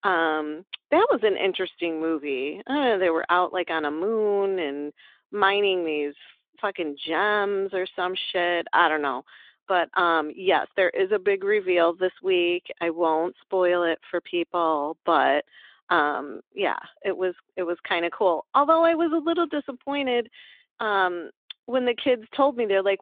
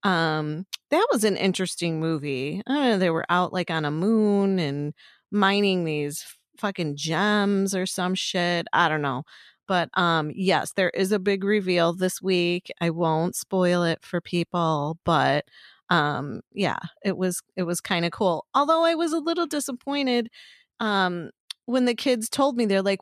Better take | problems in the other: second | phone-call audio

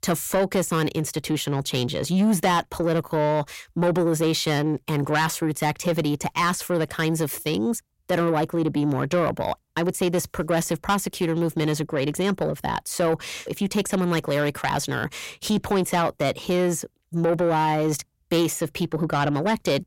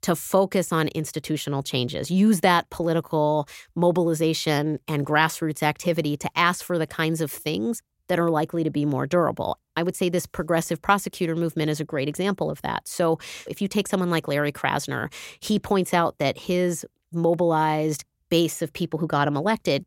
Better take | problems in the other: second | distortion; slight; 10 dB below the speech

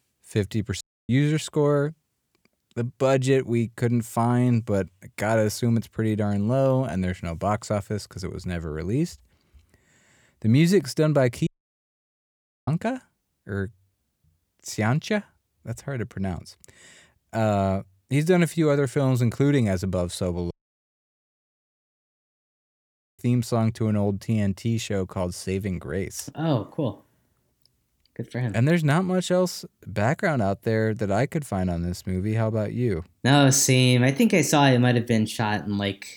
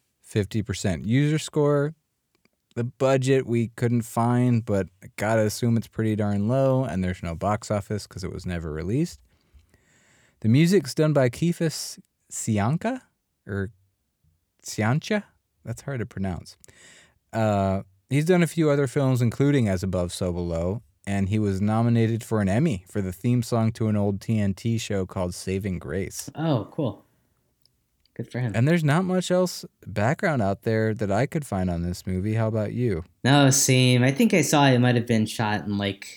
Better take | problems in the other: second | audio cutting out; at 1 s, at 11 s for 1 s and at 21 s for 2.5 s

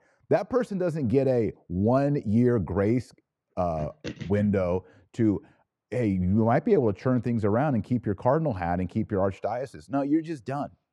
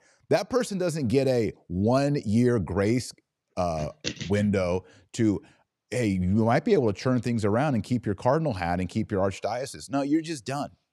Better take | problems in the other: second | muffled; slightly; fading above 2.5 kHz

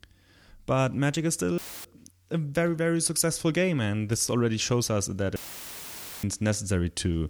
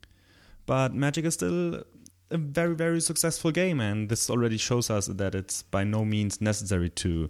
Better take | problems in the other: second | audio cutting out; filled with static; at 1.5 s and at 5.5 s for 1 s

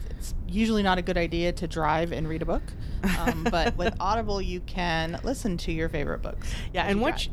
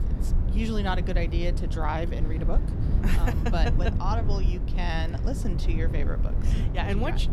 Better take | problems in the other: first | low rumble; loud; throughout; 8 dB below the speech; faint in the first

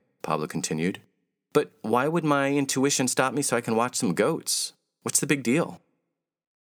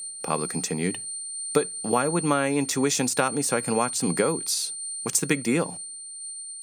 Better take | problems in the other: first | high-pitched whine; loud; throughout; 9 kHz, 7 dB below the speech

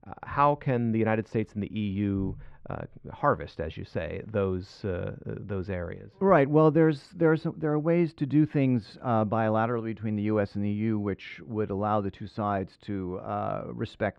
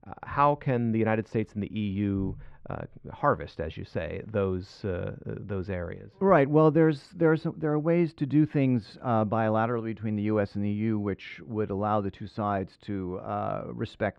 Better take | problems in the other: neither | muffled; very; fading above 1.5 kHz; the same in both

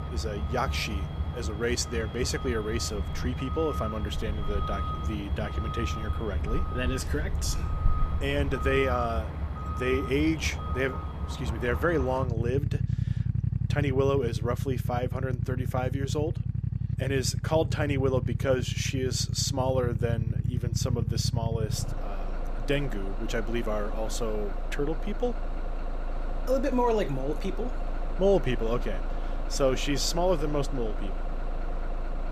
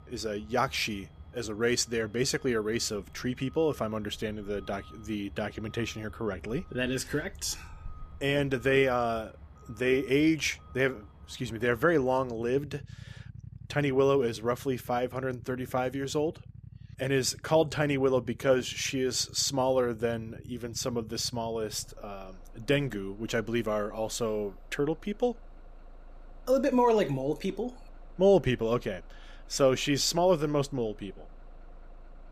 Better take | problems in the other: second | traffic noise; loud; throughout; 2 dB below the speech; faint in the second

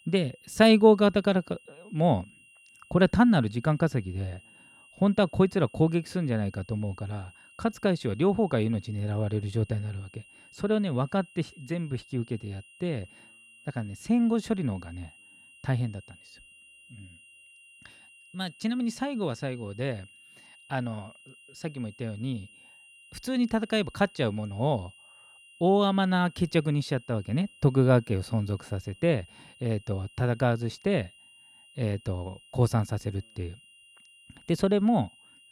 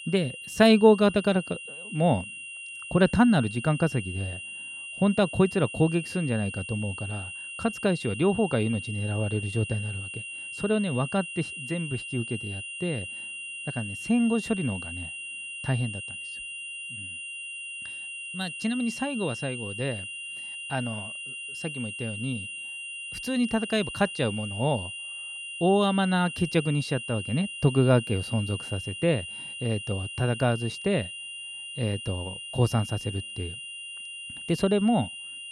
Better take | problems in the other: first | high-pitched whine; loud; throughout; 3 kHz, 8 dB below the speech; faint in the first

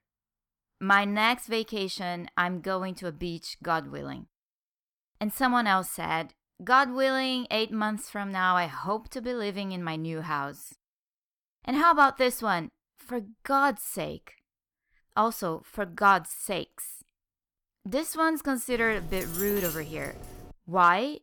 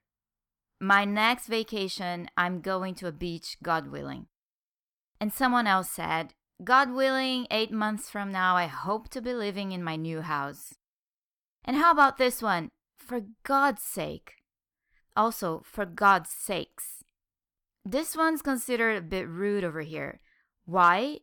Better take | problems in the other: second | jangling keys; noticeable; from 19 to 21 s; peak 4 dB below the speech

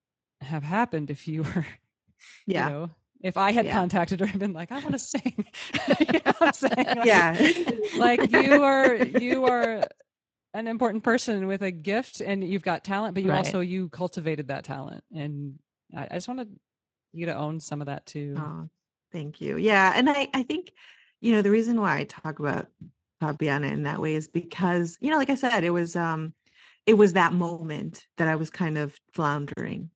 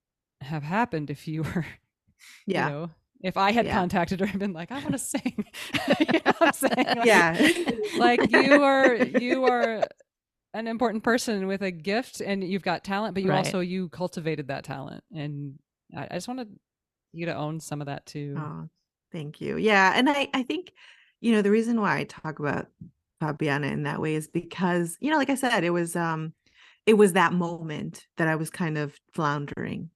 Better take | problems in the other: second | garbled, watery; slightly; nothing above 7.5 kHz

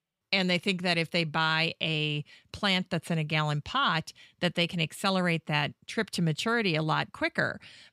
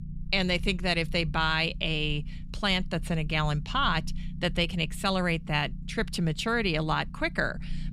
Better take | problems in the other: first | low rumble; faint; throughout; 25 dB below the speech

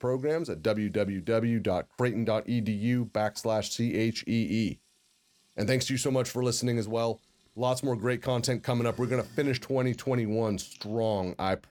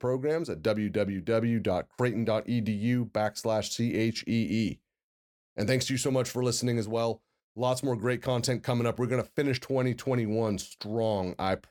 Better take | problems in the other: second | household noises; faint; throughout; 30 dB below the speech

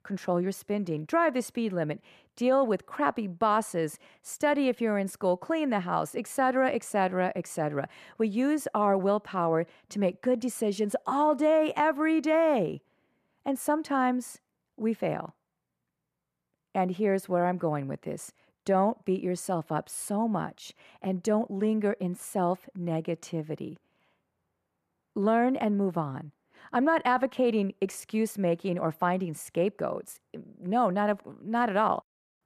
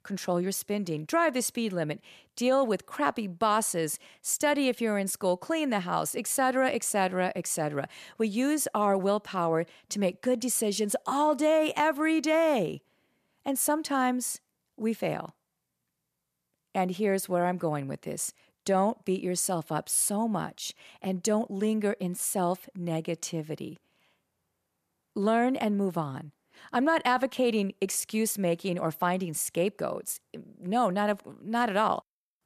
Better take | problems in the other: second | muffled; slightly; fading above 3 kHz

